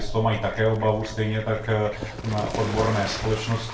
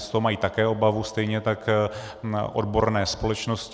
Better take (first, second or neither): second